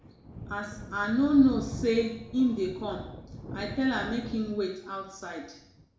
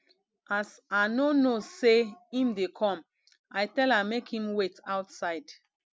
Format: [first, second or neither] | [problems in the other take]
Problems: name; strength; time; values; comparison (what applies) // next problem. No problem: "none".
second | background sound (Thunder); 13 dB below the speech // room echo; dies away in 0.6 s